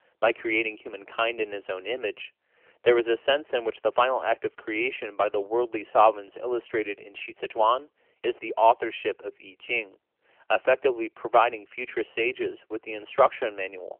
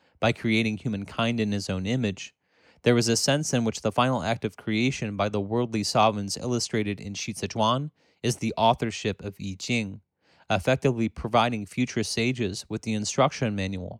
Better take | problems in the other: second | phone-call audio; nothing above 3 kHz

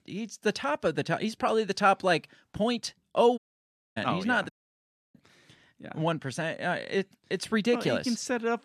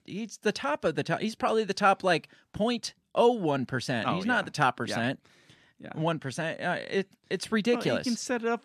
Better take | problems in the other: second | audio cutting out; at 3.5 s for 0.5 s and at 4.5 s for 0.5 s

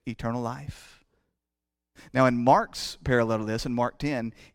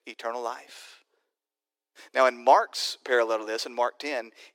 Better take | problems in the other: first | thin; very; fading below 350 Hz

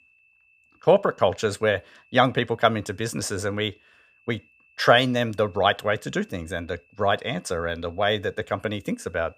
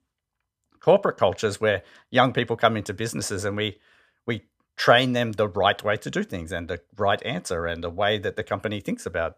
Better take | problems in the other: second | high-pitched whine; faint; throughout; 2.5 kHz, 35 dB below the speech

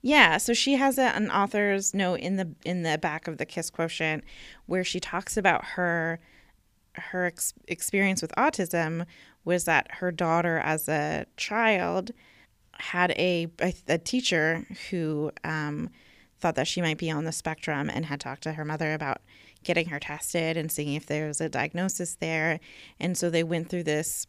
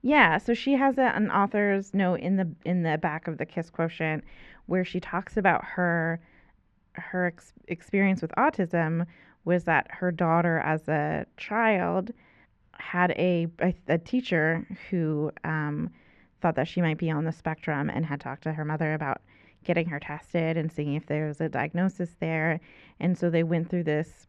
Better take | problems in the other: first | muffled; very; fading above 1.5 kHz

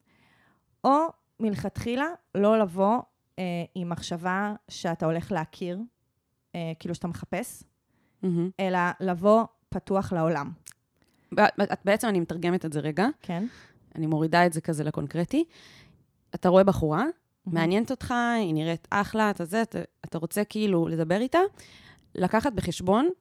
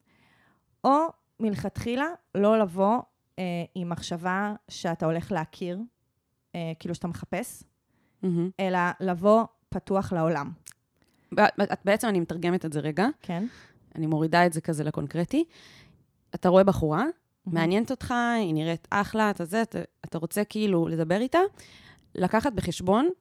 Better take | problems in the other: neither | none

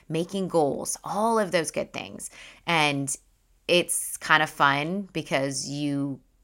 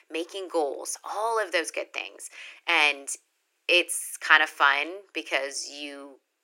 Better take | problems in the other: first | thin; very; fading below 300 Hz

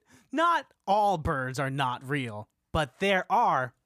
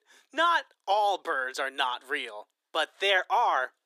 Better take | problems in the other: first | thin; very; fading below 350 Hz

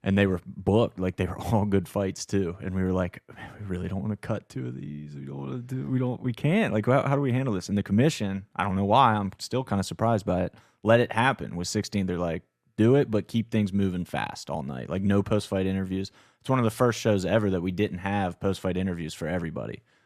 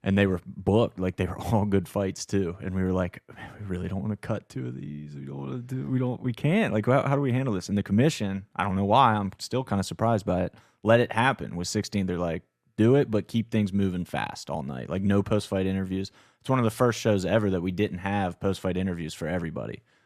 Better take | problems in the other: neither | none

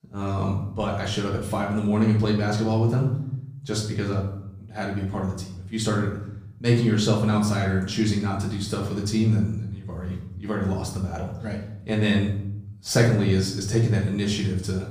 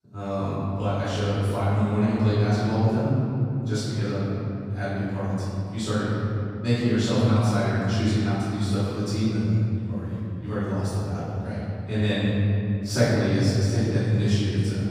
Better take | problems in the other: first | room echo; strong; dies away in 3 s; slight in the first // off-mic speech; far; far in the first

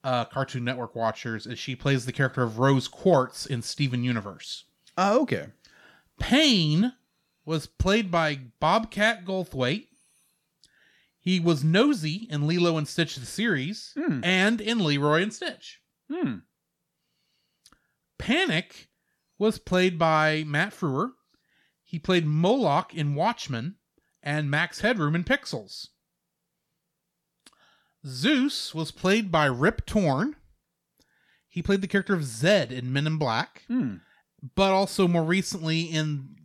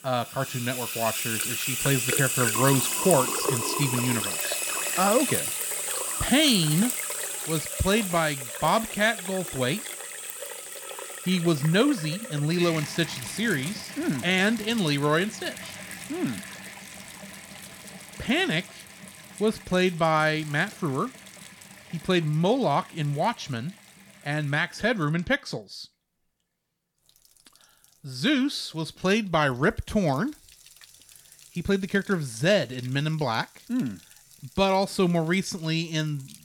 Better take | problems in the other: first | household noises; loud; throughout; 4 dB below the speech

